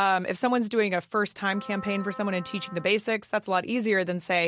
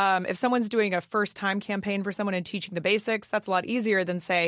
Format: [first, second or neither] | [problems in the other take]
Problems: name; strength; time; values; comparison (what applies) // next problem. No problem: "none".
second | background sound (Wind instrument, woodwind instrument); 17 dB below the speech